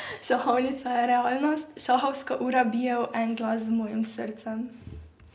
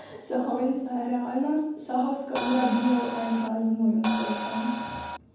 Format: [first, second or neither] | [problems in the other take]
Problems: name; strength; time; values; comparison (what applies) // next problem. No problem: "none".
first | background sound (Crash cymbal); 6 dB below the speech // room echo; dies away in 0.9 s